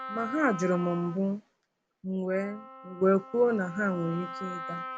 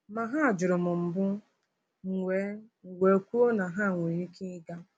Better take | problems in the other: second | background sound (Wind instrument, woodwind instrument); 12 dB below the speech

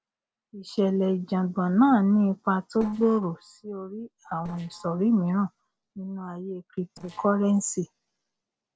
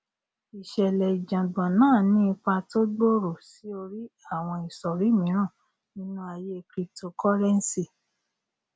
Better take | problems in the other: second | noise reduction (neural separator model SepFormer DNS4)

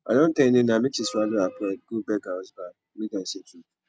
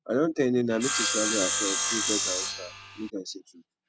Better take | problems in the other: first | background sound (Sawing); 1 dB above the speech

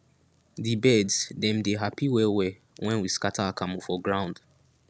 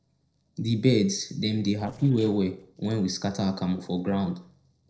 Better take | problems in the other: first | noise reduction (neural separator model SepFormer DNS4)

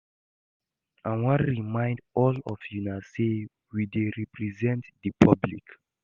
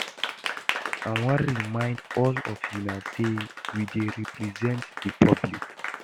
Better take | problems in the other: first | background sound (Applause); 7 dB below the speech

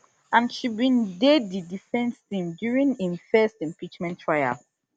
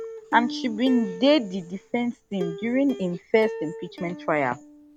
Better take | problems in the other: first | background sound (Plucked string instrument); 12 dB below the speech

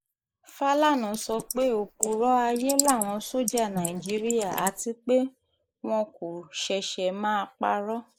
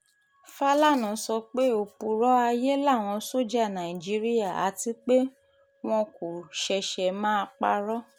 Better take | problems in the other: second | noise reduction (neural mask model Resemble Enhance denoiser)

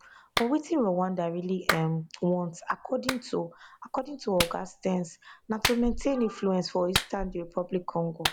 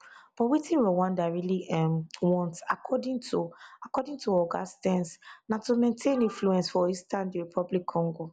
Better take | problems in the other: second | background sound (Clapping); 6 dB below the speech

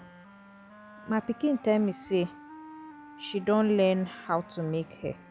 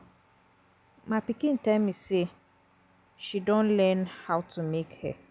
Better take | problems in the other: second | background sound (Wind instrument, woodwind instrument); 19 dB below the speech

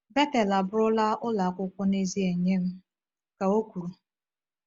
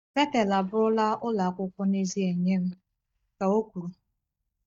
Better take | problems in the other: first | noise reduction (neural mask model DeepFilterNet 3)

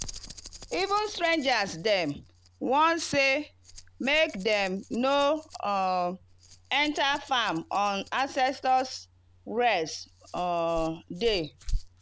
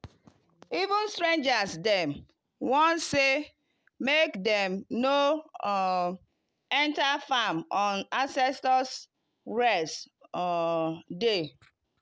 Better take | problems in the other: second | background sound (Rattle); 14 dB below the speech

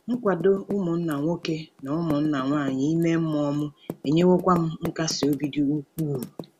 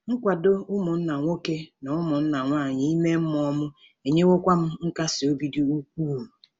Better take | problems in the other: second | background sound (Typing); 15 dB below the speech

